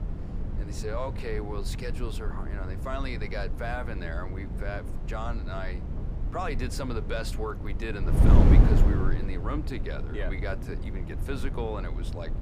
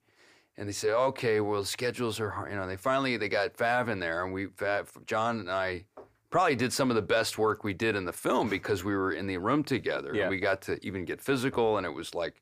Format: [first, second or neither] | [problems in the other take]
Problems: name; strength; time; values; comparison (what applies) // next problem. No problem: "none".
second | wind noise on the microphone; heavy; 4 dB below the speech